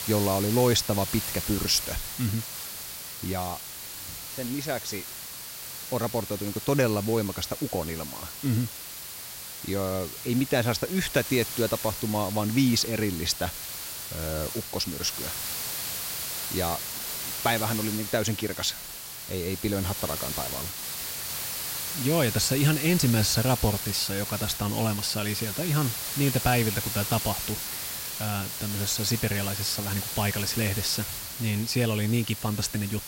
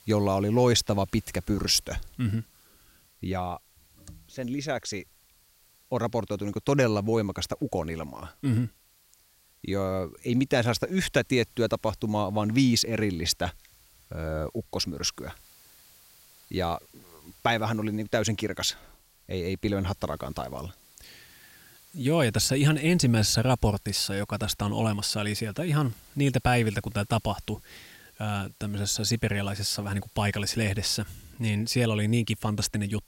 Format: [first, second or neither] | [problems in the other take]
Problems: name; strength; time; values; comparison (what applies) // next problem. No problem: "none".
second | hiss; loud; throughout; 5 dB below the speech; faint in the second